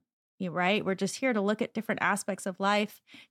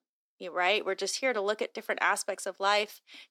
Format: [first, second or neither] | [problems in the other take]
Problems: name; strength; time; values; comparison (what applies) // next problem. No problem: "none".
first | thin; very; fading below 350 Hz